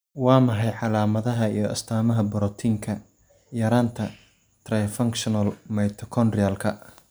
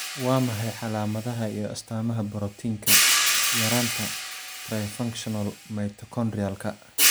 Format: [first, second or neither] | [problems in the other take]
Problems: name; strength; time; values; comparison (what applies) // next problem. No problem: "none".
first | background sound (Hi-hat); 2 dB above the speech